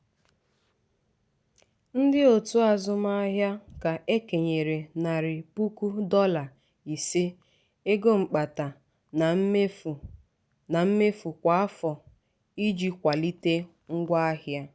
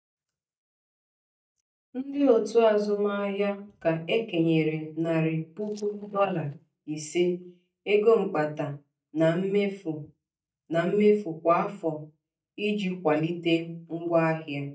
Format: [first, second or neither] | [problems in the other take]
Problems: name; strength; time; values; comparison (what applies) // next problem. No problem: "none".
first | noise reduction (neural mask model DeepFilterNet 3)